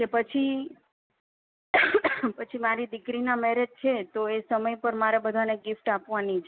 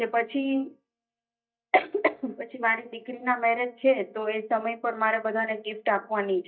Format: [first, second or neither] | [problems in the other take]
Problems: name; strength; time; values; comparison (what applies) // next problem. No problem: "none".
first | noise reduction (neural mask model DeepFilterNet 3)